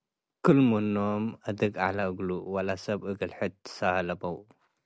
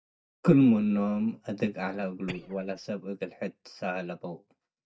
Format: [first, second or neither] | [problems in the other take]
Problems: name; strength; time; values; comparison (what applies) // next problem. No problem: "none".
first | noise reduction (neural mask model DeepFilterNet 3)